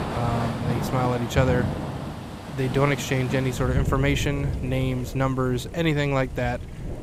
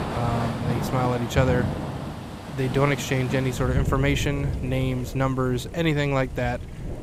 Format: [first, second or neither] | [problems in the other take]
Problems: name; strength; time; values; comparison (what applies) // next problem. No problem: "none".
neither | rain or running water; loud; throughout; 5 dB below the speech; the same in both